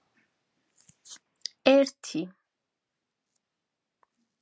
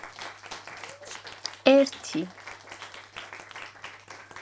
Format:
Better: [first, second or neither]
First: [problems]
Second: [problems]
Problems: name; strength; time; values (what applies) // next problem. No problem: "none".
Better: first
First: none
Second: background sound (Cheering); 13 dB below the speech